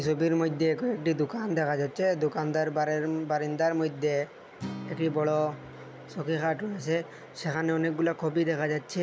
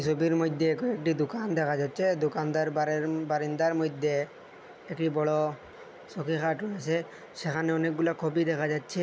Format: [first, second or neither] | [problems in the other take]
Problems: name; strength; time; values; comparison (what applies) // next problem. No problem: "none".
second | background sound (Acoustic guitar); 20 dB below the speech